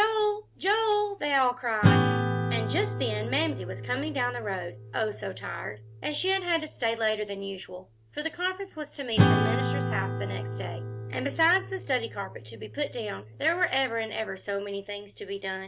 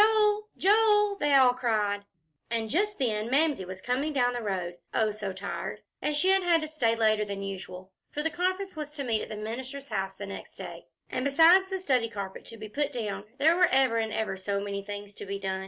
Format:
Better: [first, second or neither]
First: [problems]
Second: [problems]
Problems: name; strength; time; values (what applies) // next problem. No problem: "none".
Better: second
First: background sound (Acoustic guitar / Strum); 1 dB below the speech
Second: none